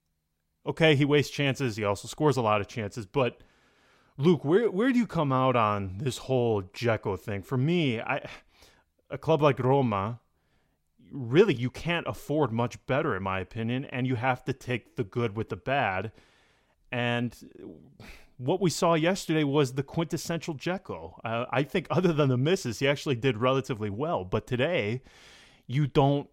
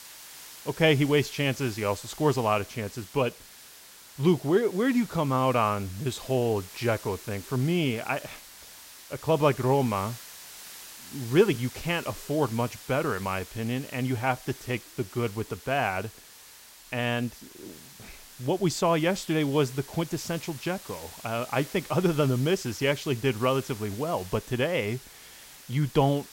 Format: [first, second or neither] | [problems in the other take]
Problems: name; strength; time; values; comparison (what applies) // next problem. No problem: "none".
first | hiss; noticeable; throughout; 15 dB below the speech